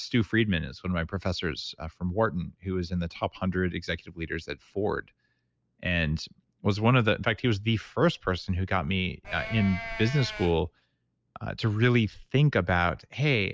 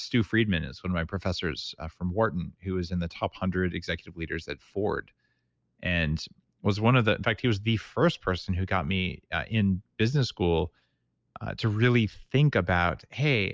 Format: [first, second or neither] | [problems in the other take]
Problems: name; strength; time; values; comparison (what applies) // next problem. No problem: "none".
second | background sound (Livestock, farm animals, working animals); 9 dB below the speech